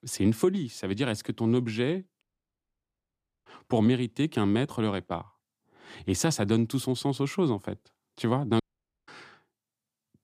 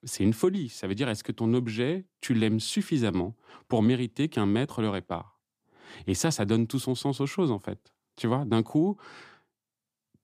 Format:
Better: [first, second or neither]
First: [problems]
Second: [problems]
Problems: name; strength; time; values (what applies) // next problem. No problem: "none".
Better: second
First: audio cutting out; at 2 s for 1 s and at 8.5 s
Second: none